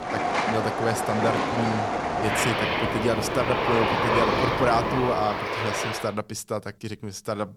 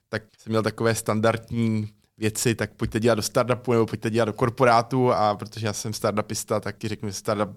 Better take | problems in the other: second | train or aircraft noise; very loud; until 6 s; 3 dB above the speech

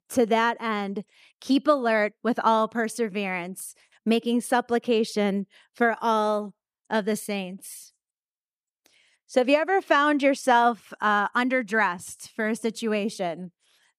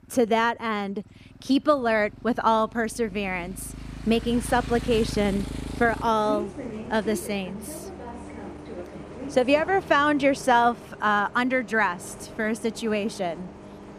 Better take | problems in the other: first | traffic noise; noticeable; throughout; 15 dB below the speech

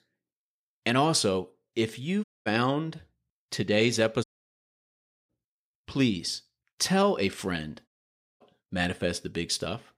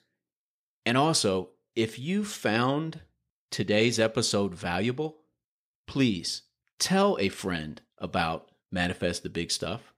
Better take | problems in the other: second | audio cutting out; at 2 s, at 4 s for 1 s and at 8 s for 0.5 s

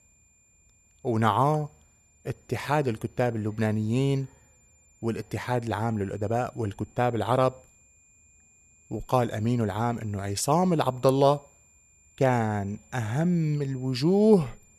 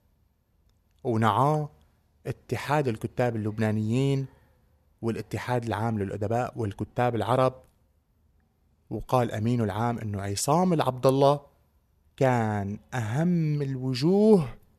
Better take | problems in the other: second | high-pitched whine; faint; throughout; 7 kHz, 30 dB below the speech

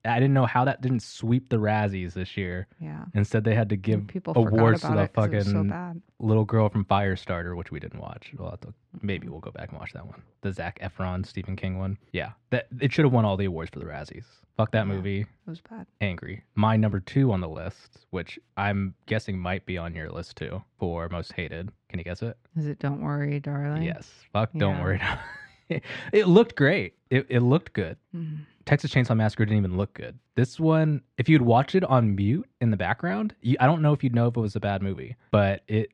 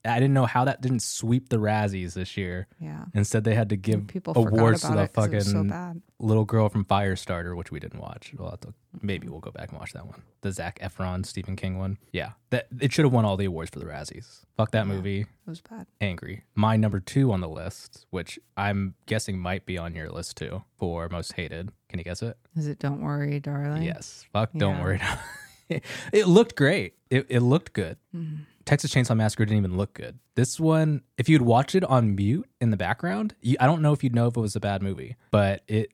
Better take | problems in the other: second | muffled; slightly; fading above 3 kHz

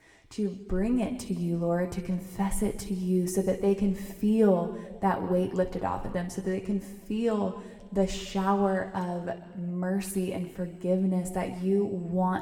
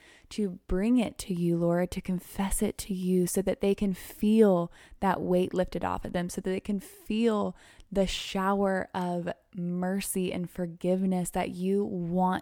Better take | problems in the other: second | room echo; slight; dies away in 1.3 s

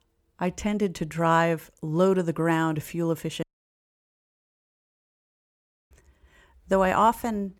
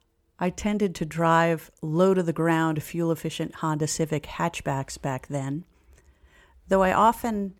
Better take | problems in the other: second | audio cutting out; at 3.5 s for 2.5 s

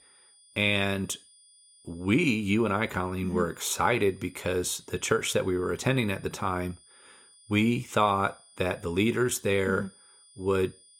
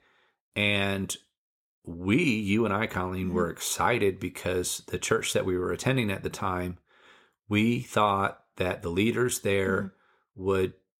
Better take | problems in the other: second | high-pitched whine; faint; throughout; 9.5 kHz, 25 dB below the speech

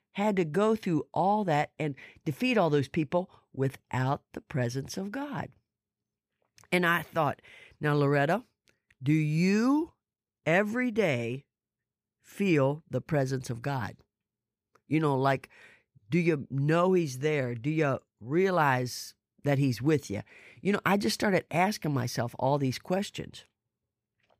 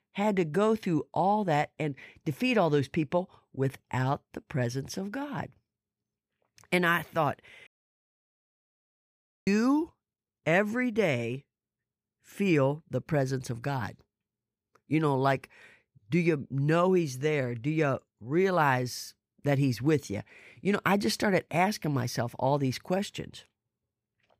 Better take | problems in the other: first | audio cutting out; at 7.5 s for 2 s

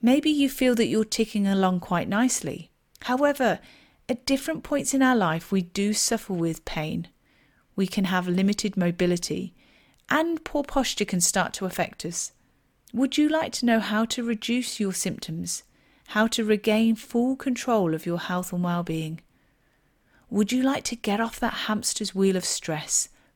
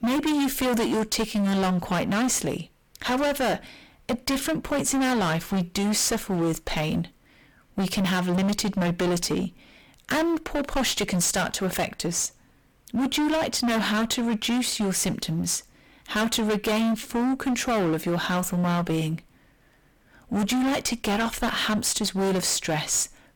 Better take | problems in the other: first | distortion; heavy; 26% of the sound clipped

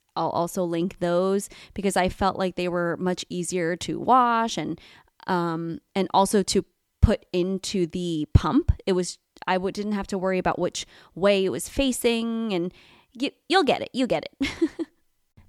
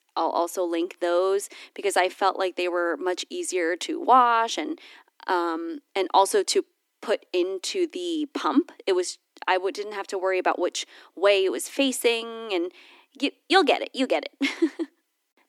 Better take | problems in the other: first | thin; somewhat; fading below 250 Hz

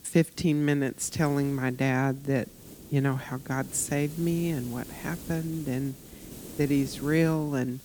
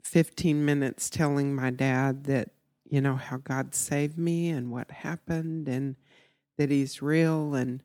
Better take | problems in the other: second | hiss; noticeable; throughout; 15 dB below the speech

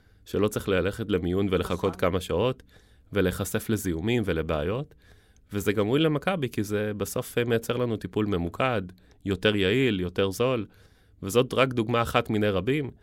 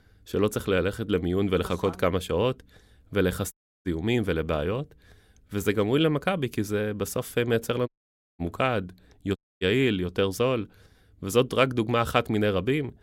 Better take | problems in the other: first | audio cutting out; at 3.5 s, at 8 s for 0.5 s and at 9.5 s

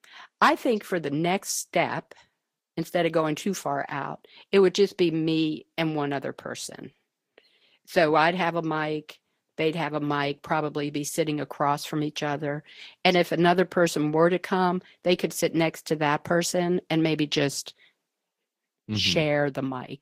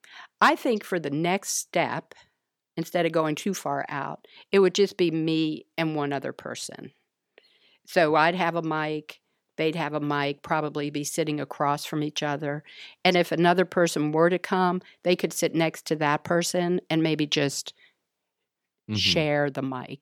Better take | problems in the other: second | garbled, watery; slightly; nothing above 15 kHz

